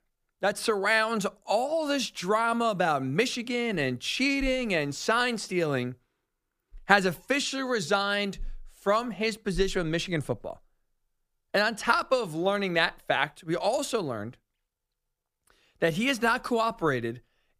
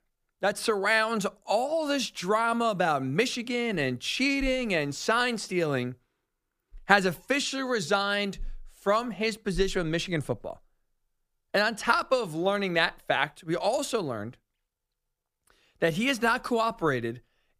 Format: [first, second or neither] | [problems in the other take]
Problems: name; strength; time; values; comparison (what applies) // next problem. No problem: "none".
neither | none